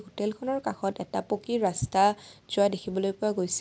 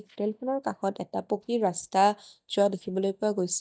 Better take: first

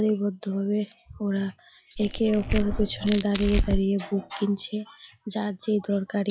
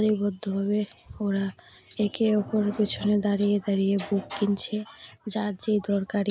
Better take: second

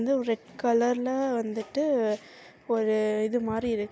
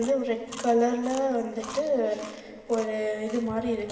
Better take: first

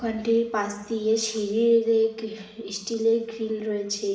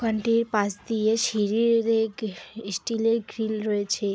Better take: second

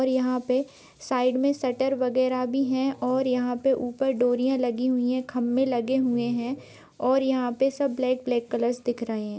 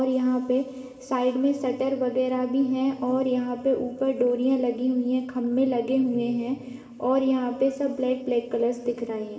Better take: first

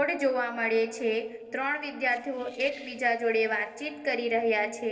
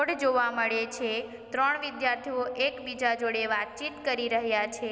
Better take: second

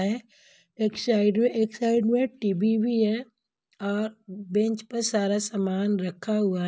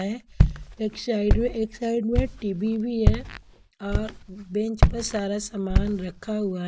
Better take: first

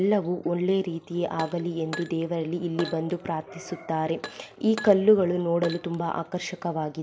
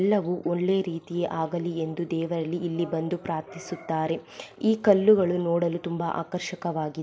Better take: second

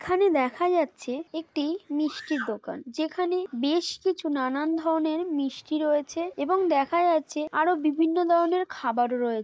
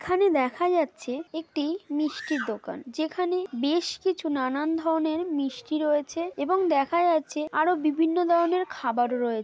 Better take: second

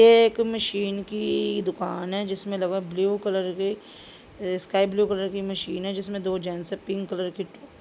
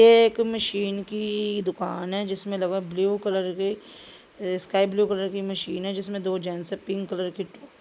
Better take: first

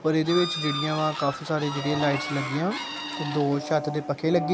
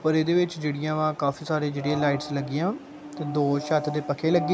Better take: second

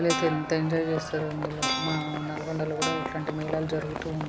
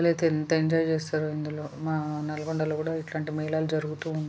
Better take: second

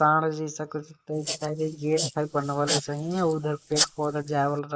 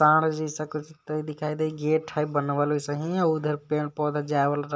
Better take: second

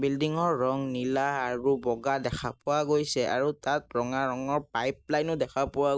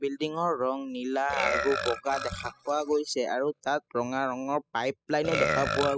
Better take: first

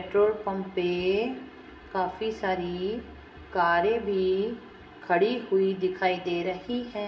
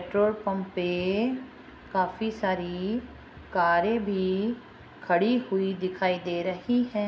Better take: second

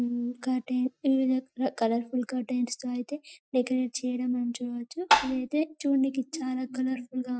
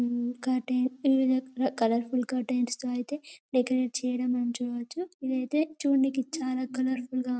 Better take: second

